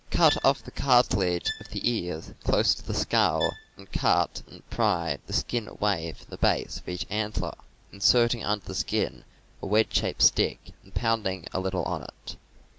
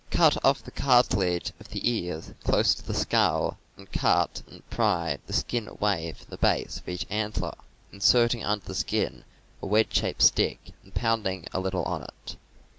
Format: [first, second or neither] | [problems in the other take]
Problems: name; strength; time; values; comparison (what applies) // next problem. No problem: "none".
second | background sound (Bowed string instrument); 13 dB below the speech